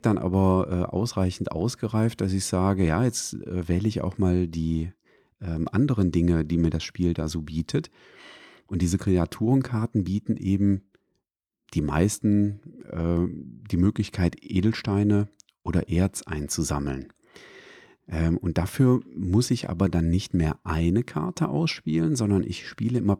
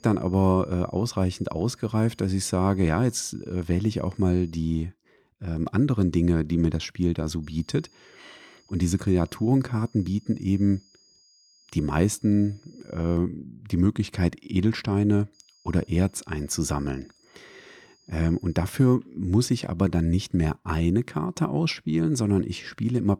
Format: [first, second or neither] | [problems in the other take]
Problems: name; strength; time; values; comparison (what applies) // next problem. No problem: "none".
first | high-pitched whine; faint; until 4.5 s, from 7.5 to 13 s and from 15 to 19 s; 5 kHz, 35 dB below the speech